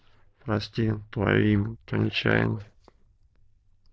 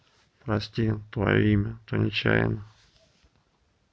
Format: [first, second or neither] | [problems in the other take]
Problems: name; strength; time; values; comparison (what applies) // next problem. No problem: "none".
second | noise reduction (neural diffusion model UNIVERSE++)